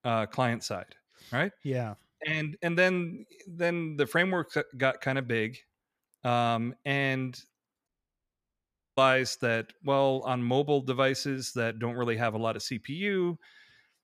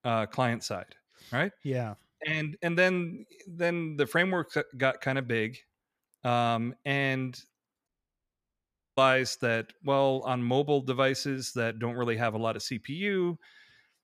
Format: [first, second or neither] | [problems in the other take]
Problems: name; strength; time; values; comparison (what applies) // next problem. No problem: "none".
neither | audio cutting out; at 8 s for 1 s; the same in both